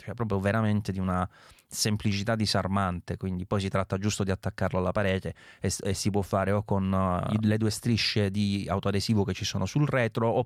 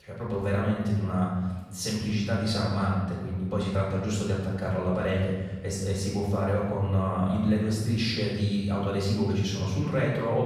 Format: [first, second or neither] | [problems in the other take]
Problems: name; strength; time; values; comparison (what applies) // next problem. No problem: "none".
first | off-mic speech; far // room echo; noticeable; dies away in 1.5 s